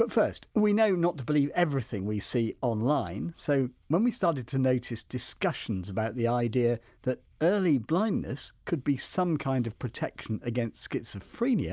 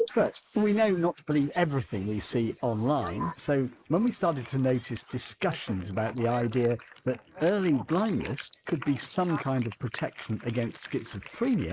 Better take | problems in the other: first | noise reduction (neural mask model Resemble Enhance denoiser)

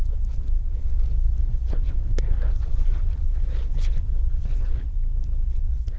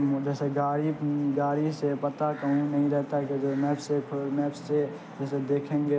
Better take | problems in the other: second | noise reduction (neural diffusion model UNIVERSE++)

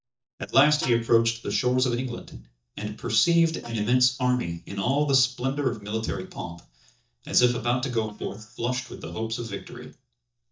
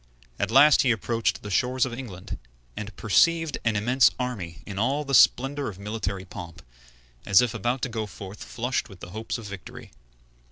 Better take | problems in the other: second | noise reduction (neural mask model DeepFilterNet 3)

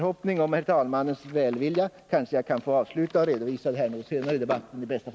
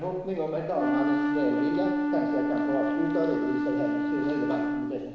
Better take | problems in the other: first | background sound (Wind instrument, woodwind instrument); 3 dB above the speech // room echo; dies away in 1 s

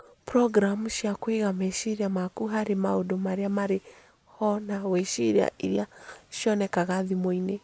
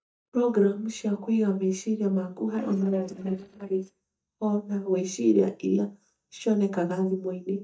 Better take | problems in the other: first | noise reduction (neural mask model DeepFilterNet 3)

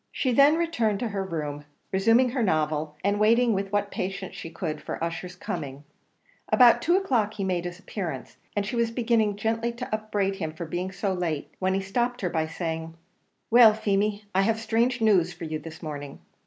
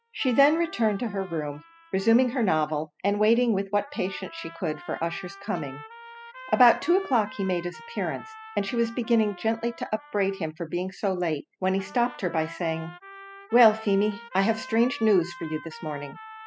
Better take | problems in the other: first | noise reduction (classical method spectral subtraction)

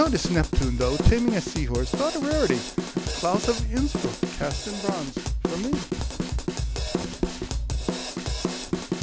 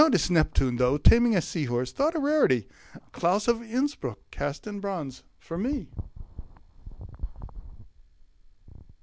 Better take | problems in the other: second | background sound (Drum kit); 1 dB below the speech

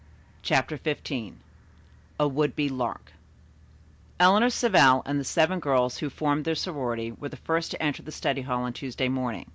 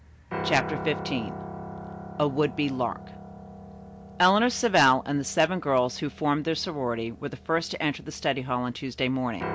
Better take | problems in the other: first | background sound (Piano); 12 dB below the speech

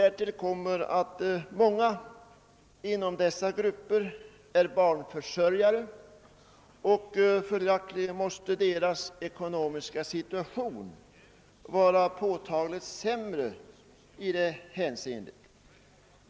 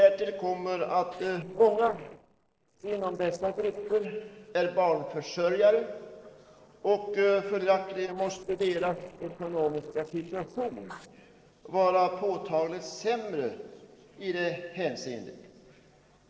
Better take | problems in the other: first | noise reduction (neural separator model SepFormer DNS4)

